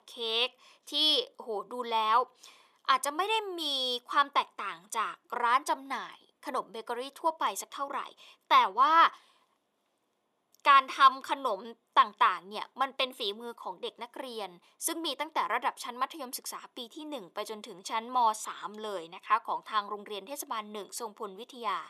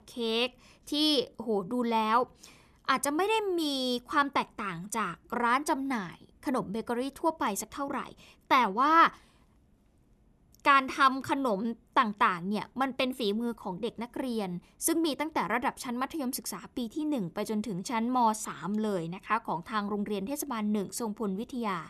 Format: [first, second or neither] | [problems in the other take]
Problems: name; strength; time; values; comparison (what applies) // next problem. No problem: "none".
second | thin; very; fading below 550 Hz